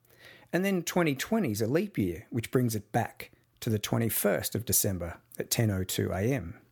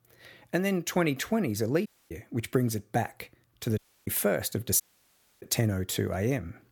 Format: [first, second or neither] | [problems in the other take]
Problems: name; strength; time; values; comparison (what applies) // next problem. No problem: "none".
first | audio cutting out; at 2 s, at 4 s and at 5 s for 0.5 s